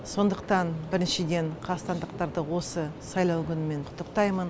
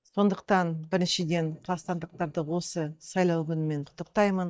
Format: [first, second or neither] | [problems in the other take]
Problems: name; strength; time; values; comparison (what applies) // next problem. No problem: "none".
first | noise reduction (neural mask model DeepFilterNet 3)